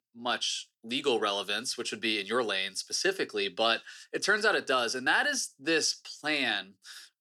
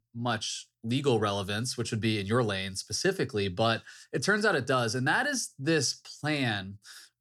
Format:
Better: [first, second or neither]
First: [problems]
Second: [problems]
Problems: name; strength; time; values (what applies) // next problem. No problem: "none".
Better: second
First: thin; somewhat; fading below 300 Hz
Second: none